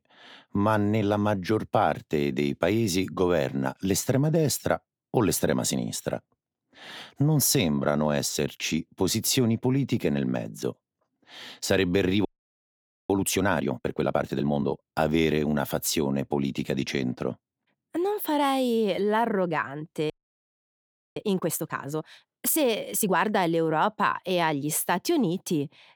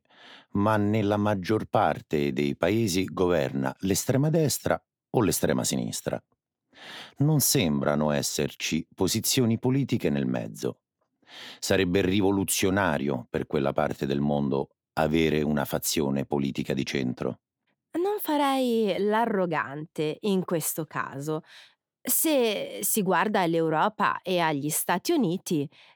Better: second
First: audio freezing; at 12 s for 1 s and at 20 s for 1 s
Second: none

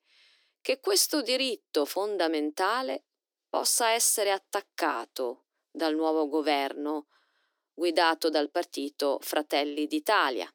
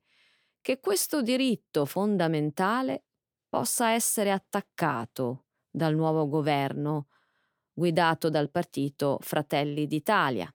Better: second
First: thin; somewhat; fading below 300 Hz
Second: none

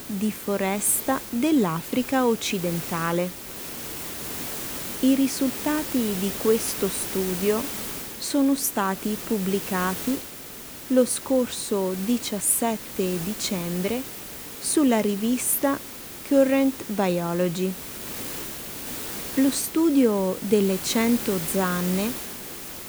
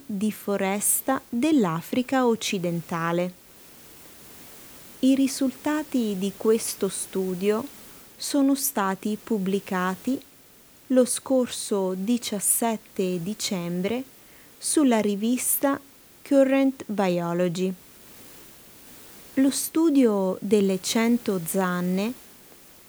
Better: second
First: hiss; loud; throughout; 8 dB below the speech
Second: hiss; faint; throughout; 20 dB below the speech

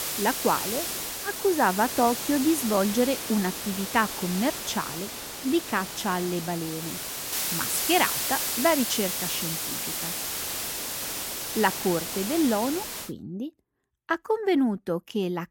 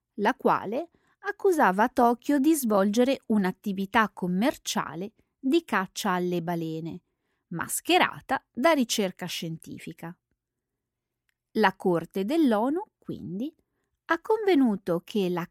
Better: second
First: hiss; loud; until 13 s; 3 dB below the speech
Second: none

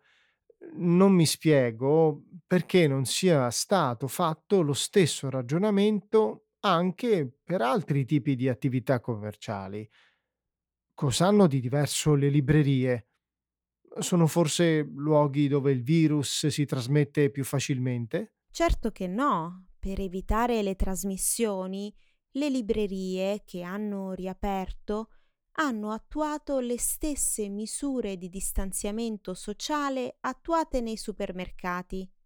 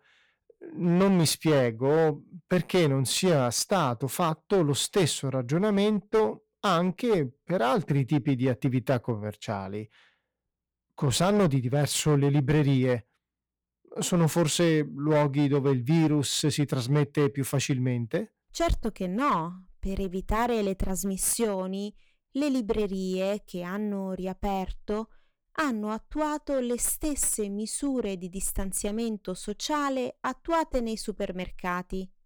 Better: first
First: none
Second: distortion; slight; 8% of the sound clipped

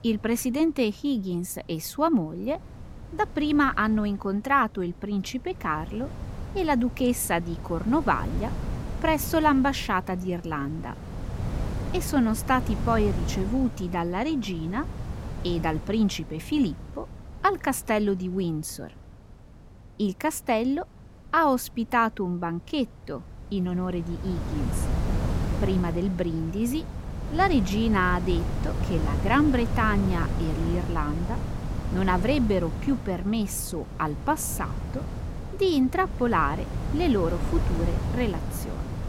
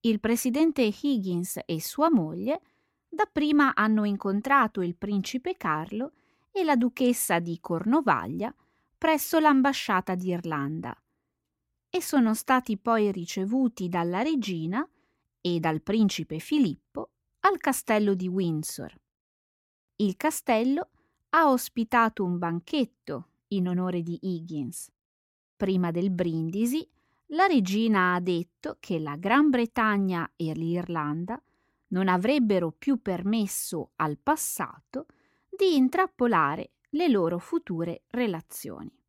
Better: second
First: wind noise on the microphone; occasional gusts; 15 dB below the speech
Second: none

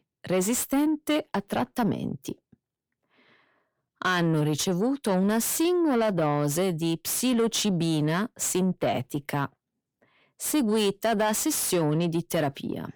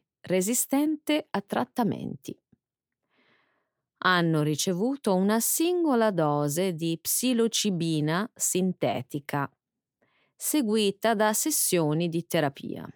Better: second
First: distortion; slight; 10 dB below the speech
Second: none

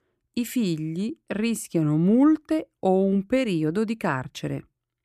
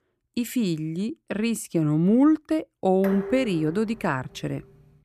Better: first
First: none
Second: clattering dishes; noticeable; from 3 s on; peak 8 dB below the speech

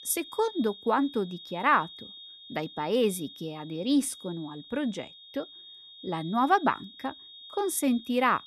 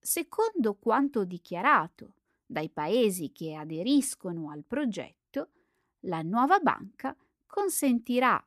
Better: second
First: high-pitched whine; noticeable; throughout; 3.5 kHz, 15 dB below the speech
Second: none

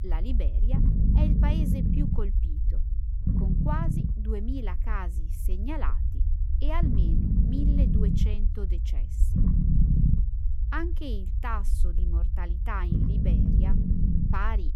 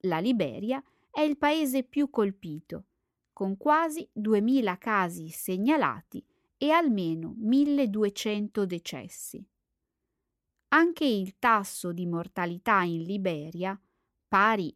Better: second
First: low rumble; loud; throughout; 1 dB below the speech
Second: none

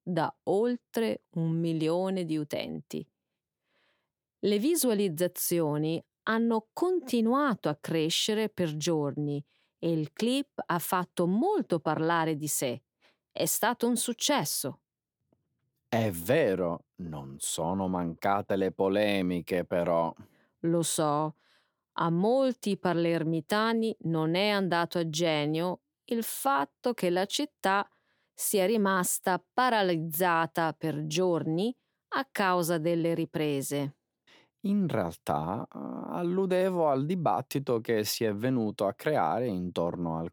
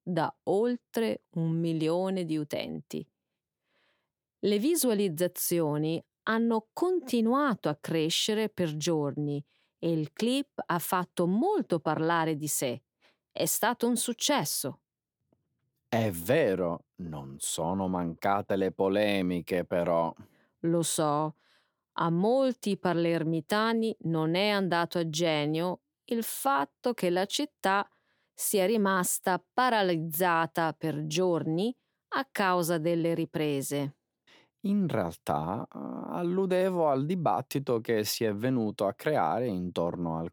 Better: neither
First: none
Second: none

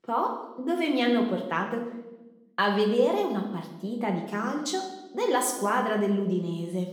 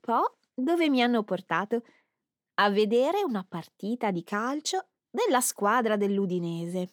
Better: second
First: room echo; noticeable; dies away in 0.8 s // off-mic speech; somewhat distant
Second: none

